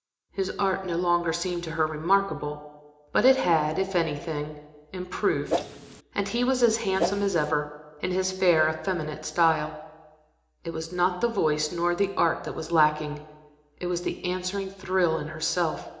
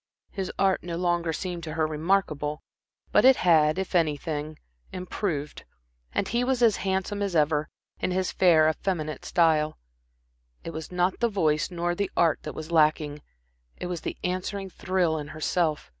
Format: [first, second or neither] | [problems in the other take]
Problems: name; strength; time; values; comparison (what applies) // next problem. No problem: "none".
second | background sound (Whoosh, swoosh, swish); 4 dB below the speech // room echo; dies away in 0.8 s